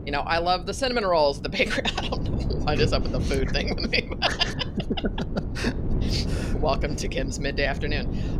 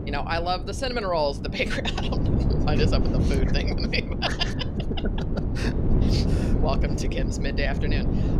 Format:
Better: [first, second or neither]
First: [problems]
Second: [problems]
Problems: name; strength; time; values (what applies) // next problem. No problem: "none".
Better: first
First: wind noise on the microphone; occasional gusts; 15 dB below the speech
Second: wind noise on the microphone; heavy; 6 dB below the speech